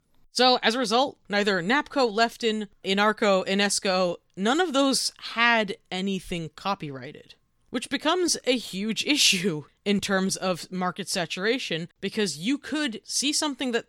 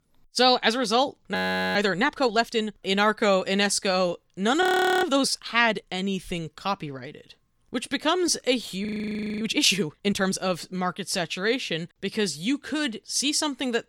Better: first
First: none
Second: audio freezing; at 1.5 s, at 4.5 s and at 9 s for 0.5 s

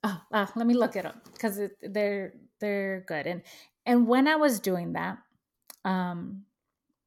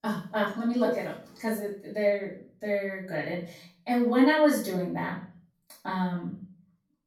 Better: first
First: none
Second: off-mic speech; far // room echo; noticeable; dies away in 0.4 s

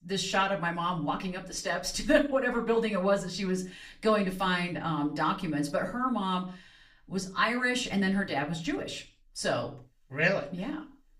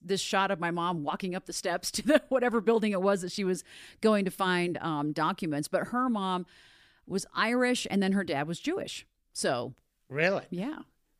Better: second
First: room echo; very slight; dies away in 0.3 s // off-mic speech; far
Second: none

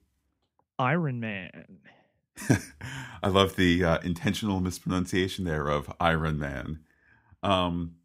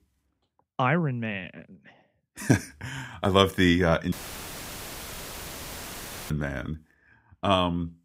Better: first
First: none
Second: audio cutting out; filled with static; at 4 s for 2 s

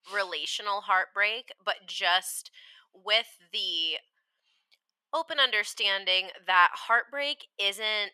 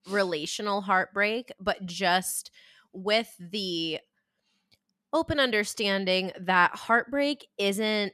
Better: second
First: thin; very; fading below 700 Hz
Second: none

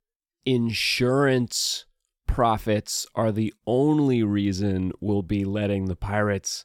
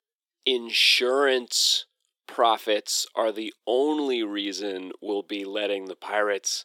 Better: first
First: none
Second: thin; somewhat; fading below 350 Hz

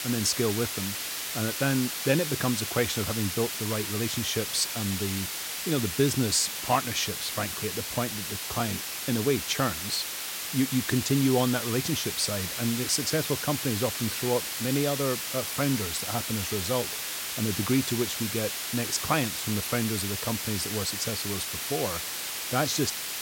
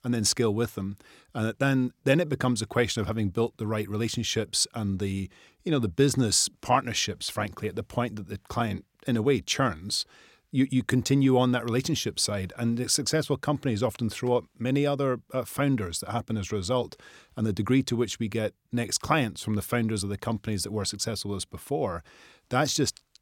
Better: second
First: hiss; loud; throughout; 2 dB below the speech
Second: none

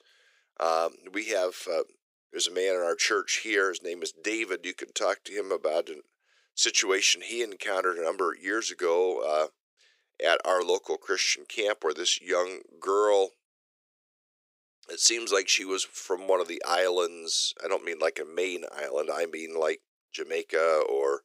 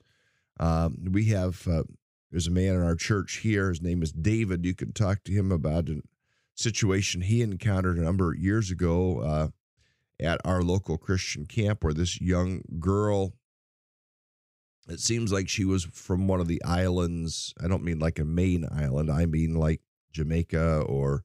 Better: second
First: thin; very; fading below 400 Hz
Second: none

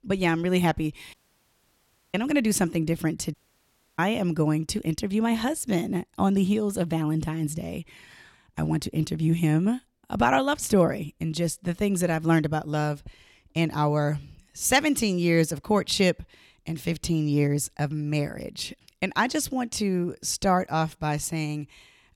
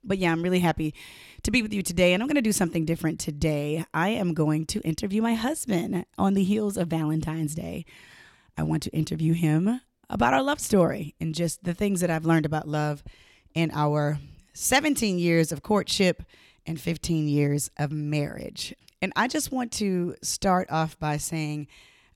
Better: second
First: audio cutting out; at 1 s for 1 s and at 3.5 s for 0.5 s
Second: none

